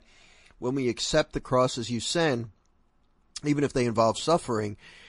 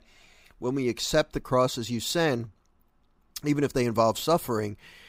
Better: second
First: garbled, watery; slightly; nothing above 10.5 kHz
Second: none

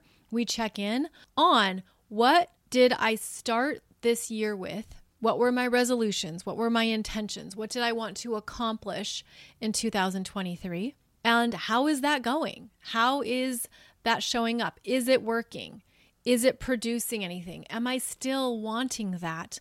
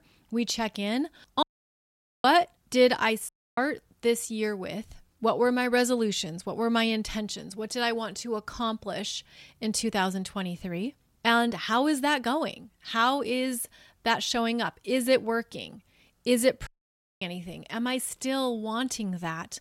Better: first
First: none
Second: audio cutting out; at 1.5 s for 1 s, at 3.5 s and at 17 s for 0.5 s

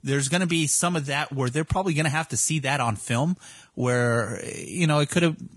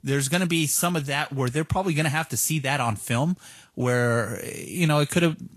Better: second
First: garbled, watery; badly; nothing above 10.5 kHz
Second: garbled, watery; slightly; nothing above 12.5 kHz

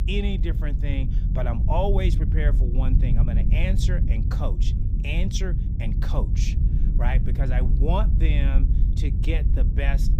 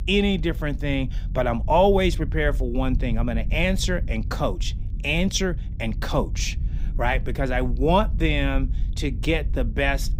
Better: second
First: low rumble; loud; throughout; 6 dB below the speech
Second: low rumble; faint; throughout; 20 dB below the speech

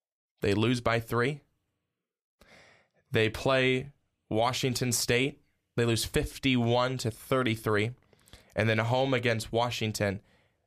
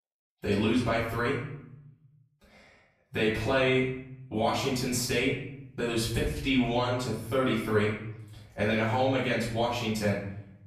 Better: first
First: none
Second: off-mic speech; far // room echo; noticeable; dies away in 0.7 s

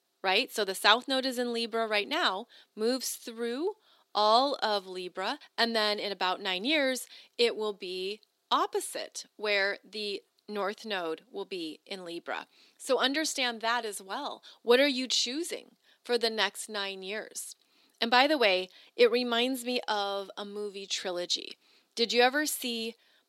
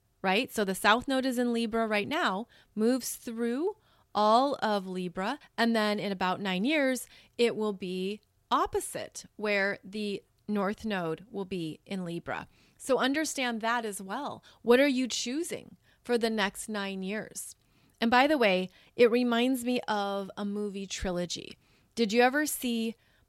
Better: second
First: thin; very slightly; fading below 300 Hz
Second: none

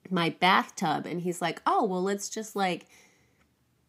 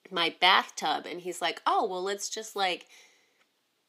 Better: first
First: none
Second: thin; somewhat; fading below 450 Hz

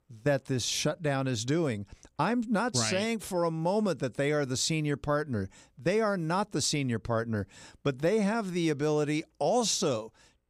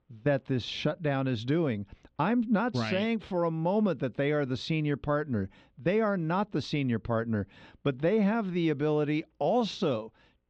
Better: first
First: none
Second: muffled; slightly; fading above 3.5 kHz

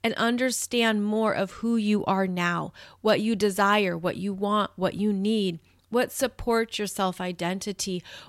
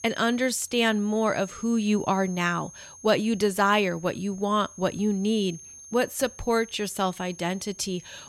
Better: first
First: none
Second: high-pitched whine; noticeable; throughout; 6.5 kHz, 20 dB below the speech

